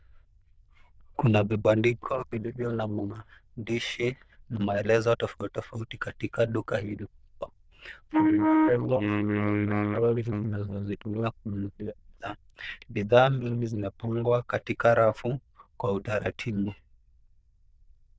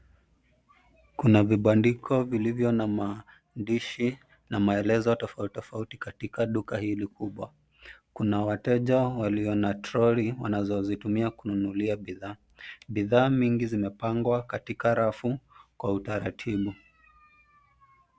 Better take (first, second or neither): second